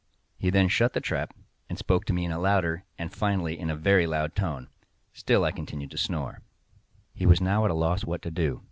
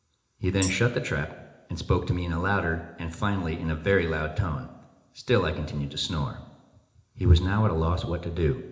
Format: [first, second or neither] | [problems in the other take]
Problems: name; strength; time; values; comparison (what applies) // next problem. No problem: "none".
first | background sound (Tambourine); 13 dB below the speech // room echo; dies away in 0.8 s